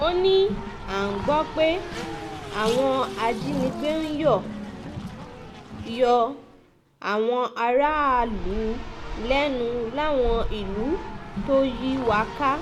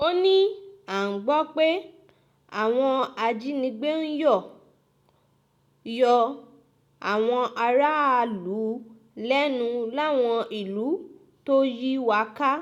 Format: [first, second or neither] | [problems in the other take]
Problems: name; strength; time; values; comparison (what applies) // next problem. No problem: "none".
second | background sound (Race car, auto racing); 8 dB below the speech